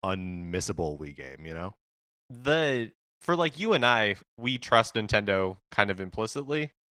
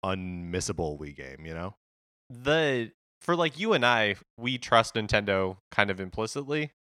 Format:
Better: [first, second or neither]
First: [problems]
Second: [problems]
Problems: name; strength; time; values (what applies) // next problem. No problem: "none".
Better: second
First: garbled, watery; slightly; nothing above 16 kHz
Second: none